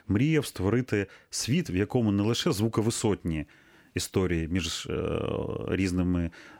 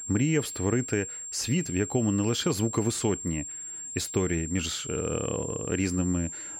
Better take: first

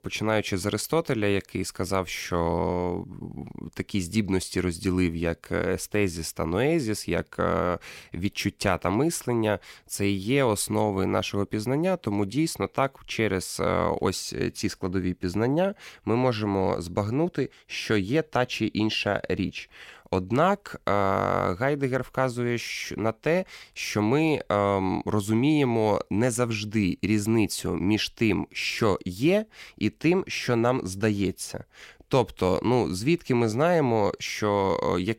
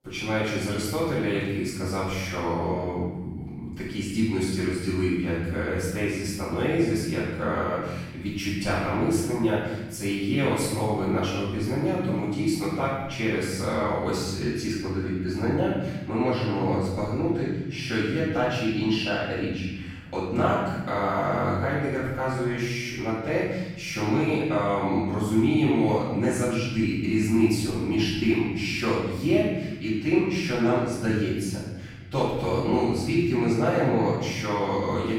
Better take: first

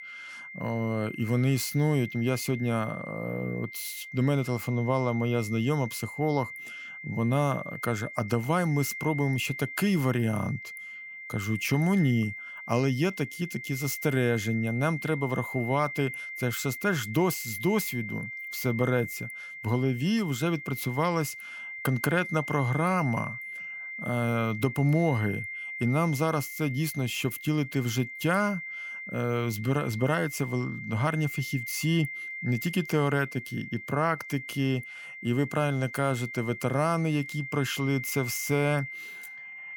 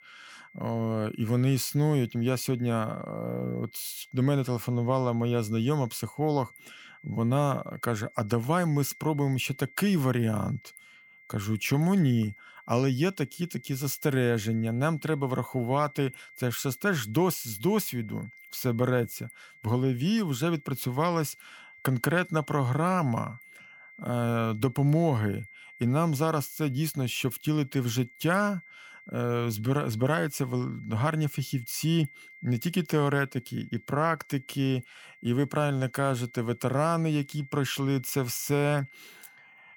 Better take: second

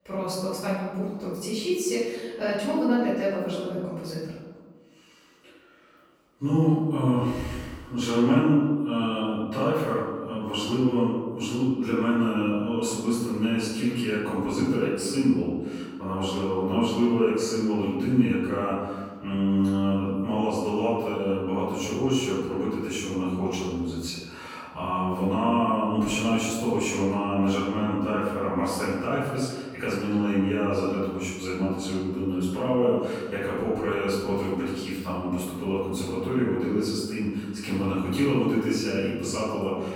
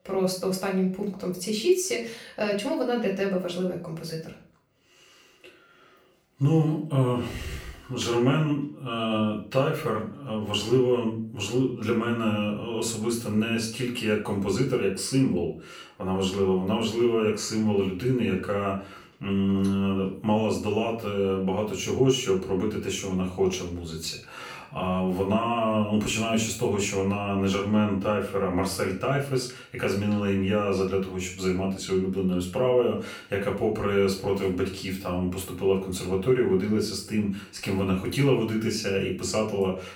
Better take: second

